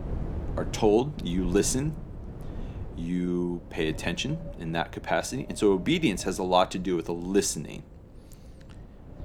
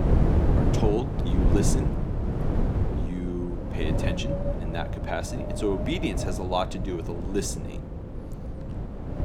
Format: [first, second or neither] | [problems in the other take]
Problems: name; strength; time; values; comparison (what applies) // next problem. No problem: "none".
first | wind noise on the microphone; heavy; 3 dB below the speech; occasional gusts in the first